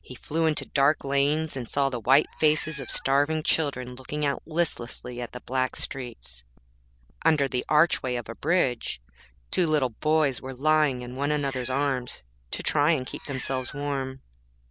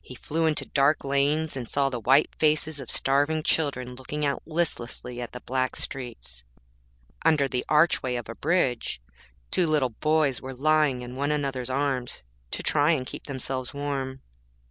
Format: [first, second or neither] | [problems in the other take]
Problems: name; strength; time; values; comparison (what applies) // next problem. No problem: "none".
second | background sound (Meow); 16 dB below the speech